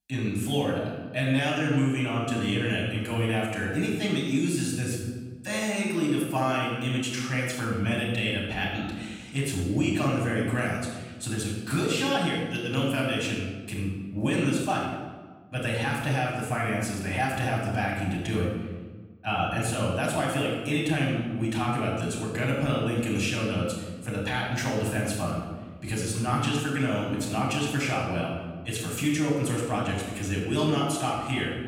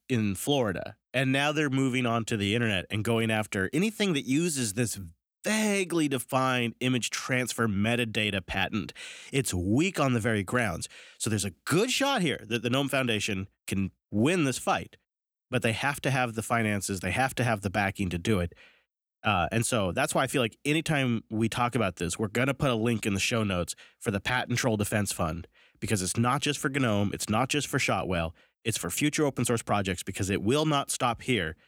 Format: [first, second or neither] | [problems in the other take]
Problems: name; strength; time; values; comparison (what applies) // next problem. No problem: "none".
second | off-mic speech; far // room echo; noticeable; dies away in 1.2 s